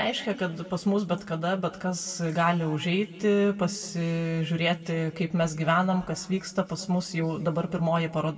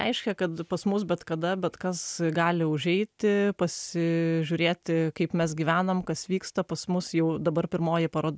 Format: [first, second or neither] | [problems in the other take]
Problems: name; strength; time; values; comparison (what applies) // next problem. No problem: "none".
second | room echo; dies away in 1.6 s